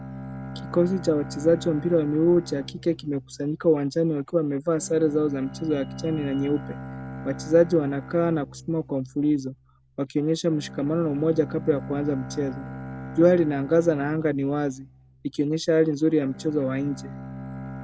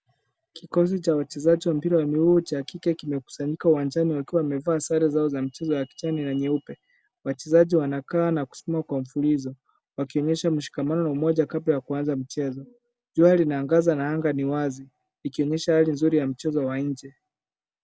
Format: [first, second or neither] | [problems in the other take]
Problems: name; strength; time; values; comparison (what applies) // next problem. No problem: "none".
second | background sound (Bowed string instrument); 14 dB below the speech